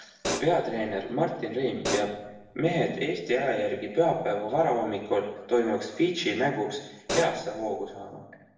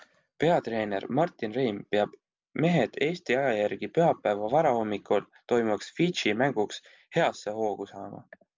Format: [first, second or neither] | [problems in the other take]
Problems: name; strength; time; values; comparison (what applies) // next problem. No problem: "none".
second | background sound (Hi-hat); 8 dB below the speech // room echo; dies away in 0.9 s